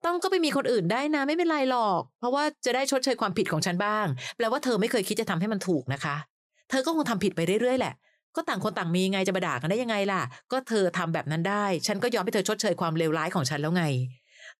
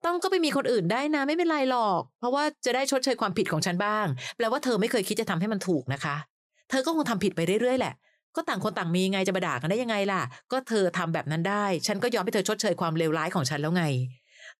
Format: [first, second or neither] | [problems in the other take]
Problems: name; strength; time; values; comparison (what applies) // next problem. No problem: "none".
neither | none